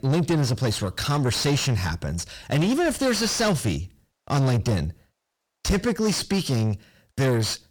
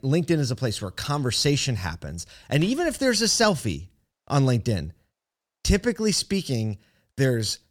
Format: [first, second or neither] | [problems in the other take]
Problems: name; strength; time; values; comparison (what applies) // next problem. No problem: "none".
second | distortion; heavy; 8 dB below the speech